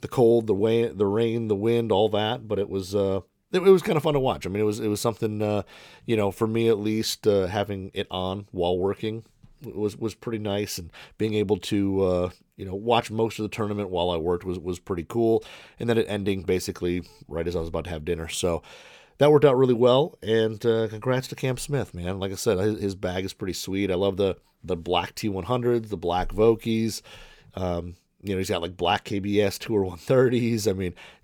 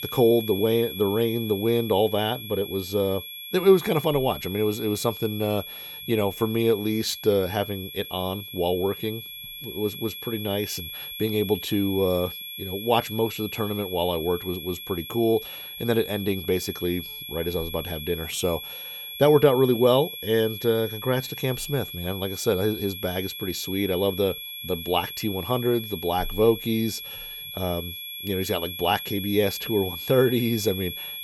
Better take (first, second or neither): first